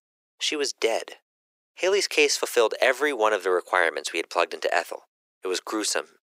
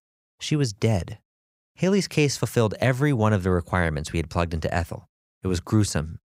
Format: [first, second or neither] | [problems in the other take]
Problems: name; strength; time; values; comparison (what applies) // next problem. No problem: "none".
second | thin; very; fading below 350 Hz